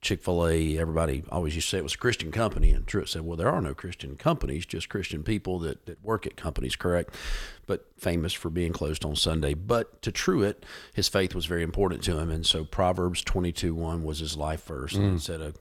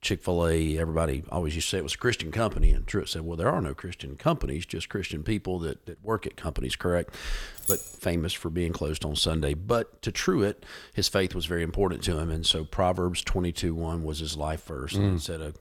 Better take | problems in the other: first | jangling keys; loud; at 7.5 s; peak 1 dB above the speech

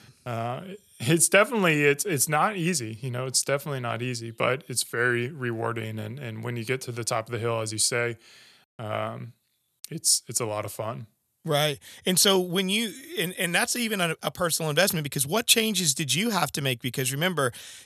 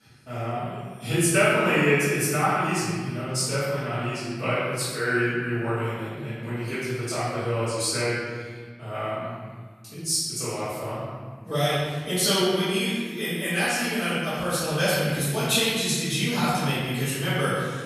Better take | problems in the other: first | room echo; strong; dies away in 1.6 s // off-mic speech; far

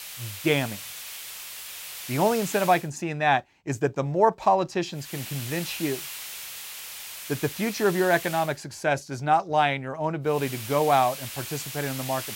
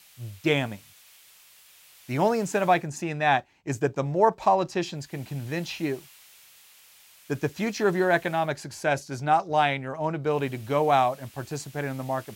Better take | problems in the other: second | hiss; loud; until 3 s, from 5 to 8.5 s and from 10 s on; 10 dB below the speech; faint in the second

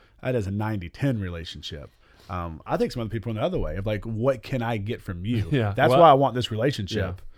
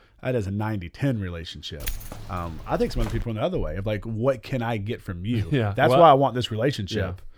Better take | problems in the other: first | jangling keys; noticeable; from 2 to 3 s; peak 10 dB below the speech

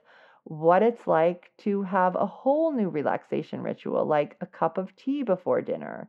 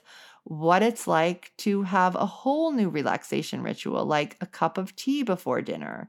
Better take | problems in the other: second | muffled; very; fading above 2 kHz

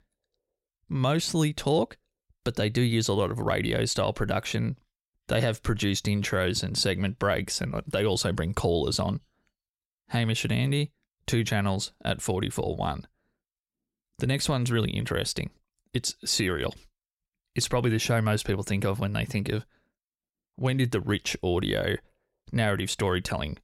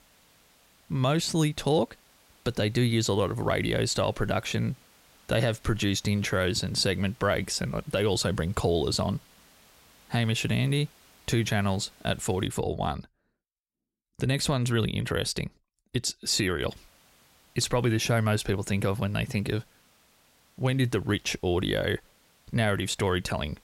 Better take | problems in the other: first | hiss; faint; until 12 s and from 17 s on; 30 dB below the speech

